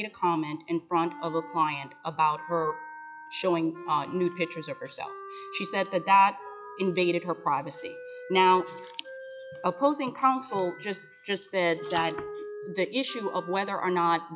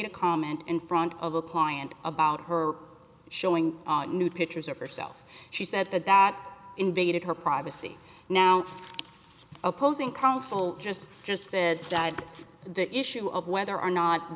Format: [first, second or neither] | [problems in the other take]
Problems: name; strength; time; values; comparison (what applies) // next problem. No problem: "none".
second | noise reduction (classical method log-MMSE)